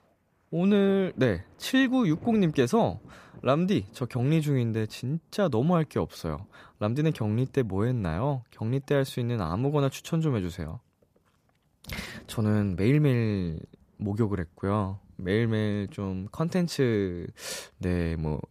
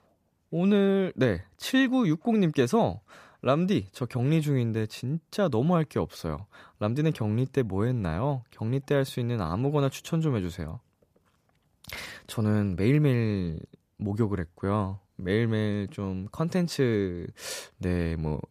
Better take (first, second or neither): second